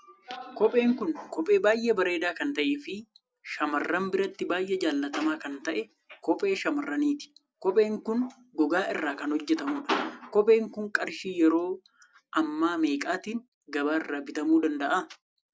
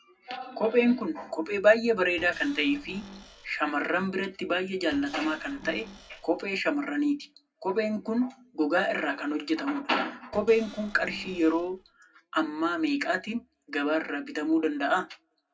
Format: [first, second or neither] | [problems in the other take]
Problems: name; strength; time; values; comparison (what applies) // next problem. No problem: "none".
first | background sound (Cupboard open or close / Door); 18 dB below the speech // room echo; dies away in 0.3 s